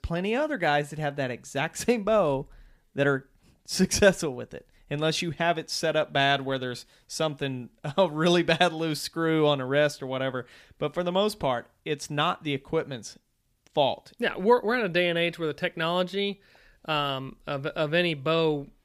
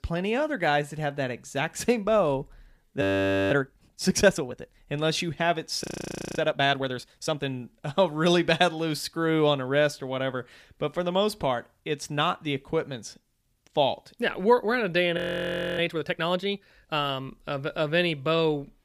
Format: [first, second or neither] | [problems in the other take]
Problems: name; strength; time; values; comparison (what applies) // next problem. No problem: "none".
first | audio freezing; at 3 s for 0.5 s, at 6 s for 0.5 s and at 15 s for 0.5 s